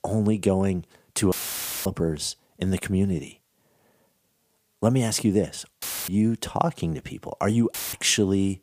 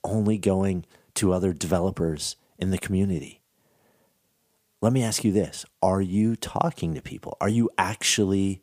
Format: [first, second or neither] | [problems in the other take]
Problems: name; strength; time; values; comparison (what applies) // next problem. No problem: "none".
second | audio cutting out; filled with static; at 1.5 s for 0.5 s, at 6 s and at 7.5 s